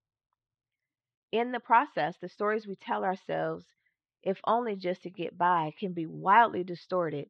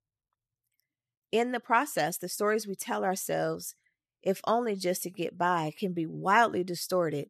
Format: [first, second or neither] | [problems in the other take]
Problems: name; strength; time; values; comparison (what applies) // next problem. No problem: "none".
second | muffled; very; fading above 4 kHz